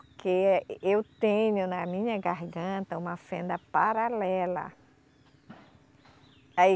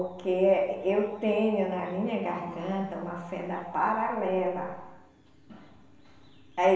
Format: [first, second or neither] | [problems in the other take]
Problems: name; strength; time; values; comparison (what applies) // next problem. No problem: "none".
first | room echo; dies away in 1.1 s